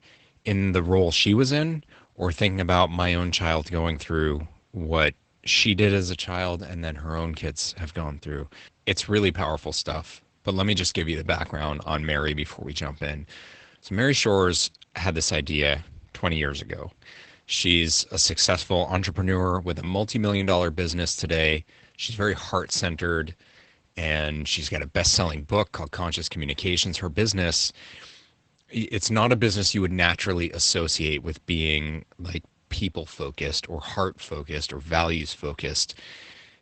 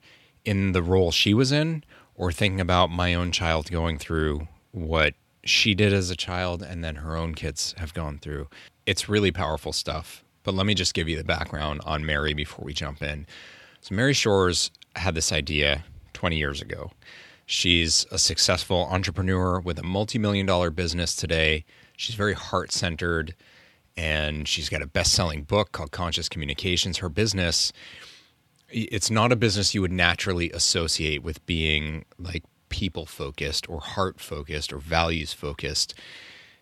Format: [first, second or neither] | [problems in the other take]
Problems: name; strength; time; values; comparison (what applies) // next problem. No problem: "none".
second | garbled, watery; badly; nothing above 8 kHz